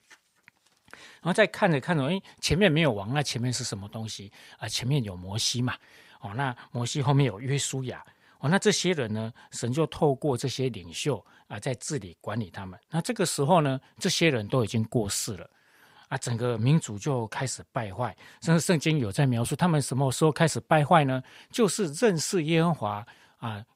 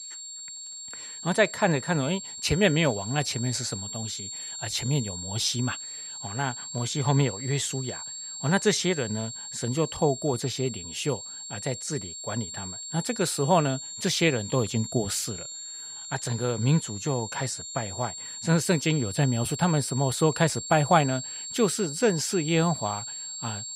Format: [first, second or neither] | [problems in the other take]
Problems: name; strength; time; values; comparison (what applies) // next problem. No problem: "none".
first | high-pitched whine; loud; throughout; 7.5 kHz, 8 dB below the speech